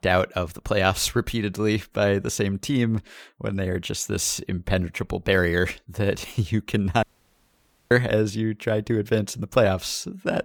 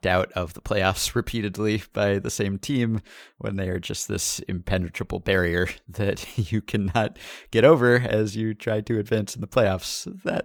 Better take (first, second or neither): second